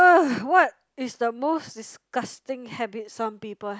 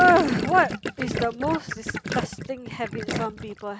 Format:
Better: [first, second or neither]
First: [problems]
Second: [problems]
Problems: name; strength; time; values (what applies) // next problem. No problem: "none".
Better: first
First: none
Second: background sound (Gurgling); 6 dB below the speech